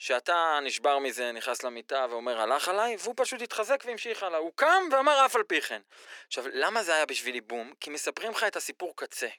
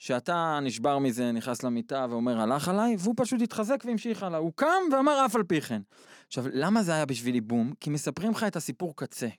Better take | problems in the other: second | thin; very; fading below 400 Hz

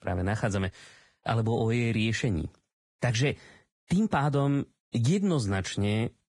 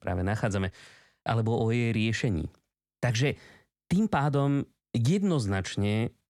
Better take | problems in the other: second | garbled, watery; badly; nothing above 10 kHz

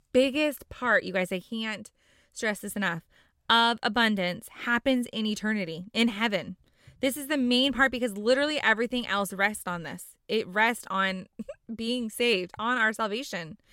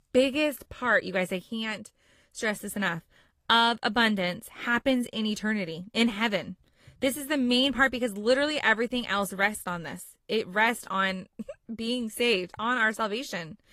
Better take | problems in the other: first | garbled, watery; slightly; nothing above 14.5 kHz

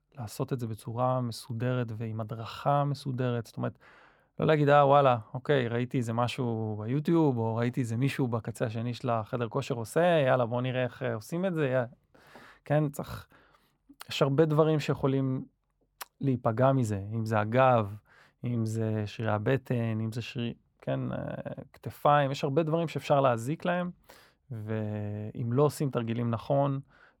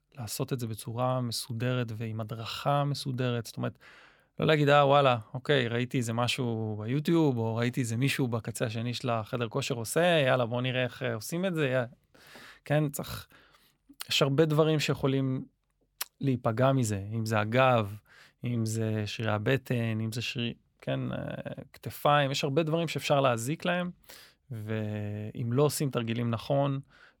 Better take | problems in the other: second | muffled; slightly; fading above 2 kHz

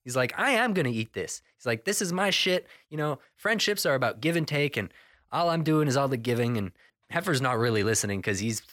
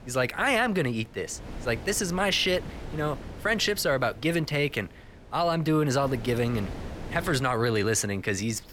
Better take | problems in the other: first | wind noise on the microphone; occasional gusts; 20 dB below the speech

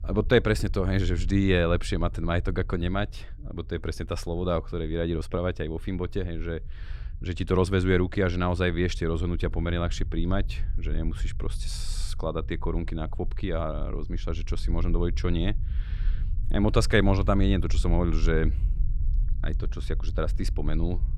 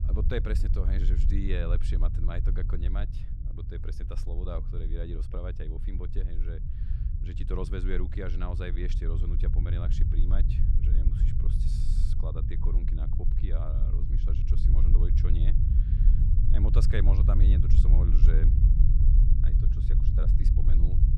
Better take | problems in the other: first | low rumble; loud; throughout; 3 dB below the speech; faint in the first

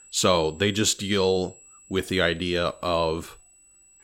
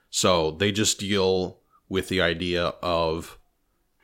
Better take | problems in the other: second | high-pitched whine; faint; throughout; 7.5 kHz, 25 dB below the speech

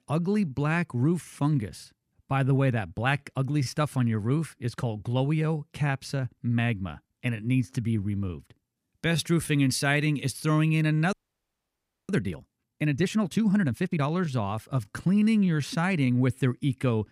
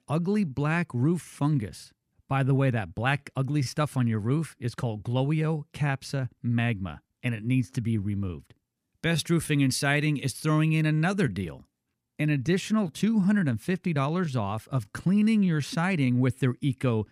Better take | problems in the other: second | audio freezing; at 11 s for 1 s

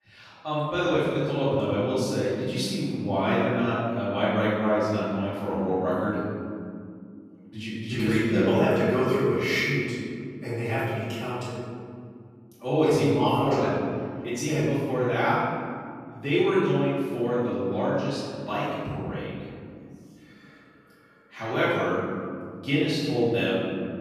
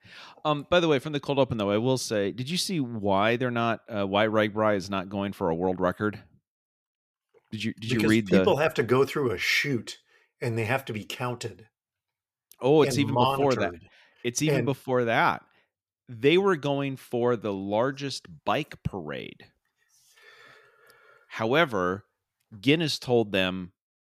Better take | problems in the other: second | off-mic speech; far // room echo; strong; dies away in 2.3 s

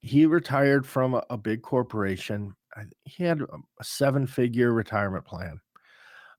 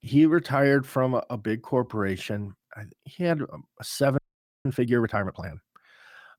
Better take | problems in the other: first | audio freezing; at 4 s

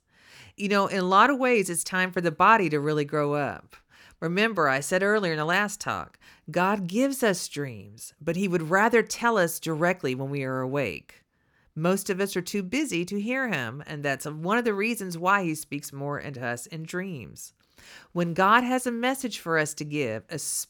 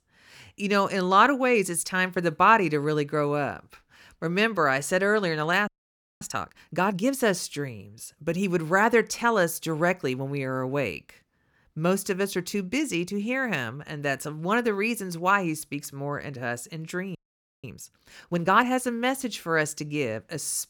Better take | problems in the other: first | audio freezing; at 5.5 s for 0.5 s and at 17 s

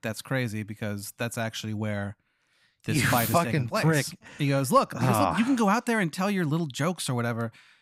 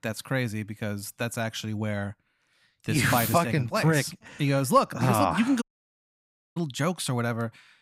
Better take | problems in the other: first | audio cutting out; at 5.5 s for 1 s

